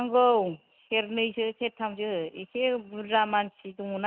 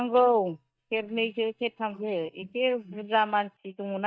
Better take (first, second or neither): first